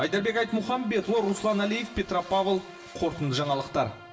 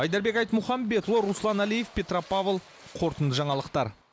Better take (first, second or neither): second